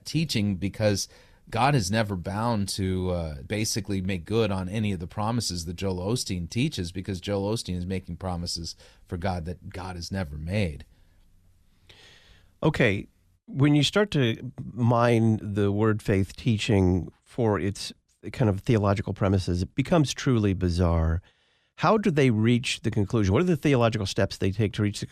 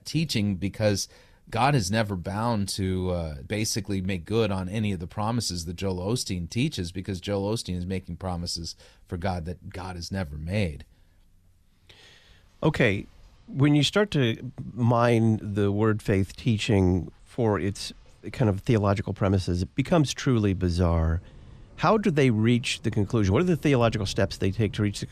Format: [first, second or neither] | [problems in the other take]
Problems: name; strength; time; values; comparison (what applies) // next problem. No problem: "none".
first | rain or running water; faint; from 12 s on; 25 dB below the speech